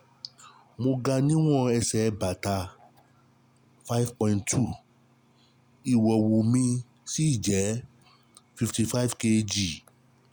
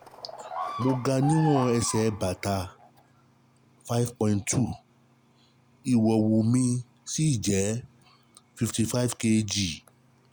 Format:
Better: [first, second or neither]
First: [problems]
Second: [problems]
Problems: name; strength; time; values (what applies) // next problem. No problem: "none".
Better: first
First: none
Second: background sound (Bird vocalization, bird call, bird song); 9 dB below the speech